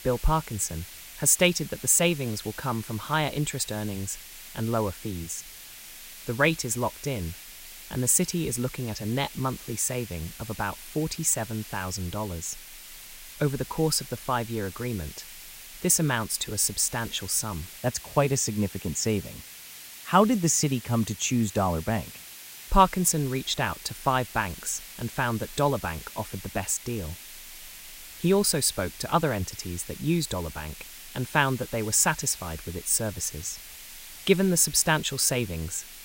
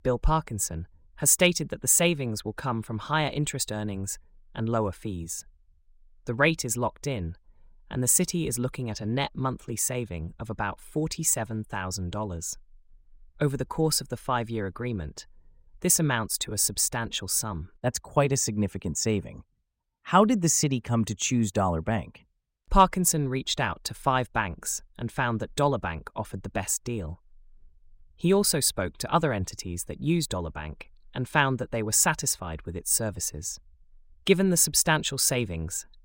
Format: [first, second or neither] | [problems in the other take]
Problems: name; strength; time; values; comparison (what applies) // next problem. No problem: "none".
second | hiss; noticeable; throughout; 15 dB below the speech